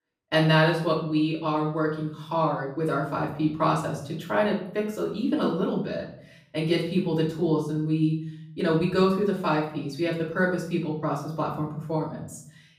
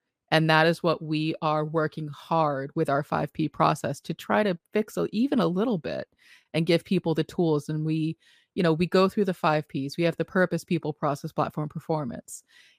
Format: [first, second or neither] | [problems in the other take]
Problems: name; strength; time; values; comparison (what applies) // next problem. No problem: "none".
second | off-mic speech; far // room echo; noticeable; dies away in 0.5 s